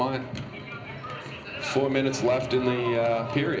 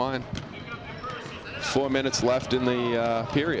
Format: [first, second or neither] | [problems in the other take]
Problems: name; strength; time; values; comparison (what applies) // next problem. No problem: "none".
second | room echo; dies away in 0.5 s